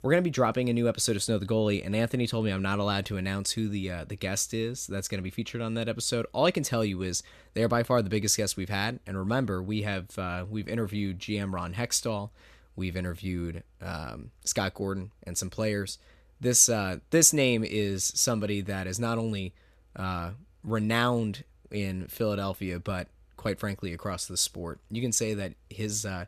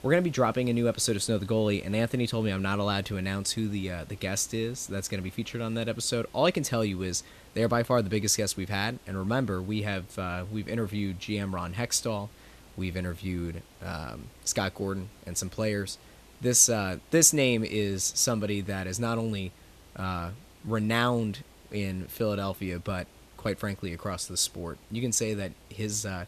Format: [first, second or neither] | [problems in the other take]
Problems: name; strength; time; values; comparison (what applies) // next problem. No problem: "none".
first | hiss; faint; throughout; 25 dB below the speech